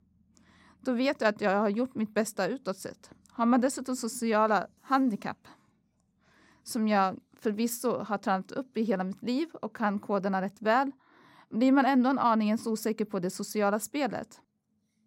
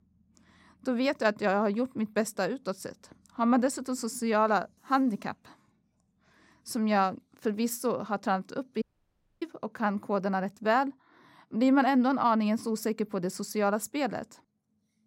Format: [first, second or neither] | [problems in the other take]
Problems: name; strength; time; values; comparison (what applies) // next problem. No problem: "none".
first | audio cutting out; at 9 s for 0.5 s